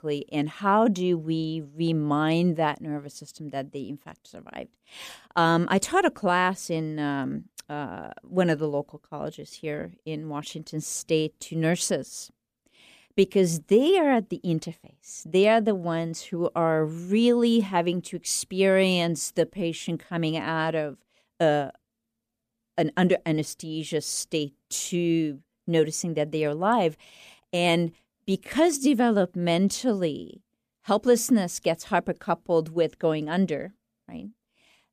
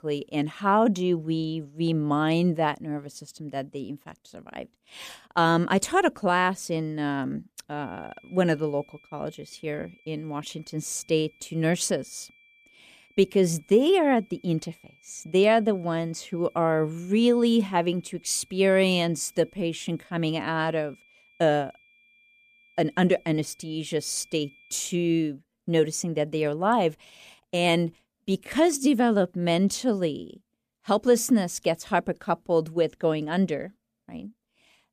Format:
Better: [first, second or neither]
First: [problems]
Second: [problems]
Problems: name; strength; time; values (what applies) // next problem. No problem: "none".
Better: first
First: none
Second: high-pitched whine; faint; from 8 to 25 s; 2.5 kHz, 30 dB below the speech